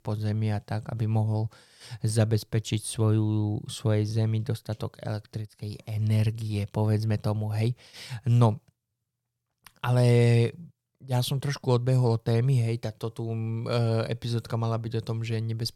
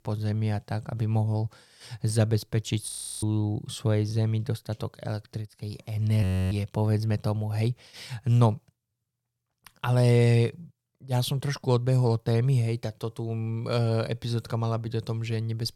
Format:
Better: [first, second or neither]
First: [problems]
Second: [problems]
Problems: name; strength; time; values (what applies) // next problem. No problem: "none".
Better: first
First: none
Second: audio freezing; at 3 s and at 6 s